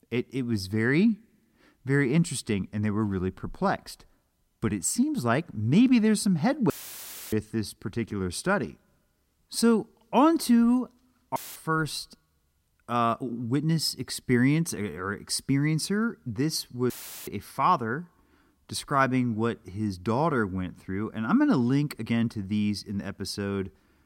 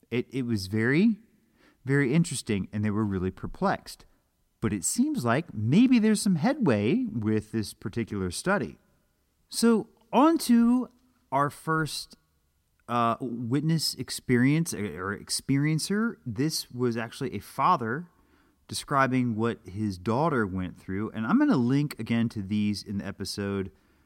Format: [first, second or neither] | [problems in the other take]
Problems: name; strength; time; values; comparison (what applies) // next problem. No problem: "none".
second | audio cutting out; filled with static; at 6.5 s for 0.5 s, at 11 s and at 17 s